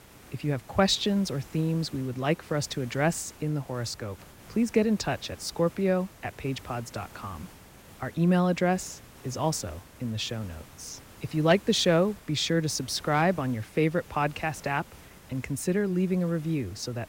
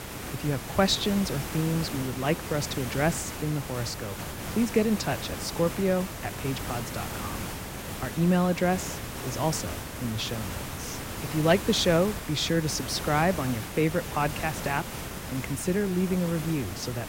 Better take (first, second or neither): first